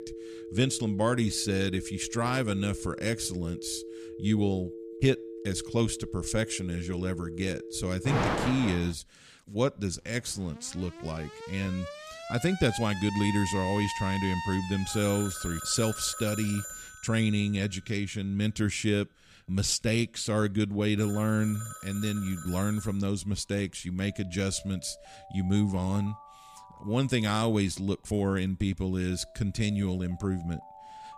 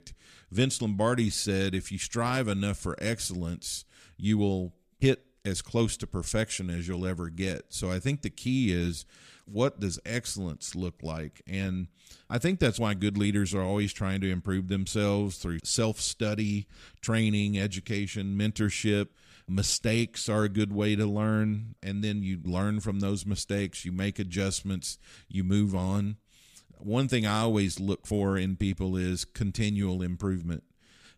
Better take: second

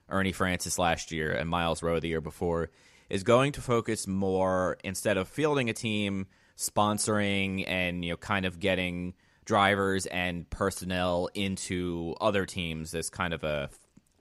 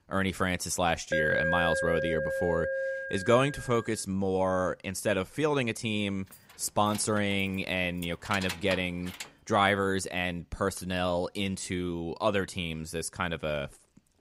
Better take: first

